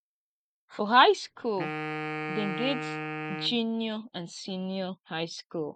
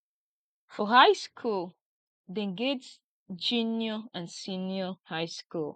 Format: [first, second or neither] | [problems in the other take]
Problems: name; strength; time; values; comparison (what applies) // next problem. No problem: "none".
second | background sound (Wind instrument, woodwind instrument); 6 dB below the speech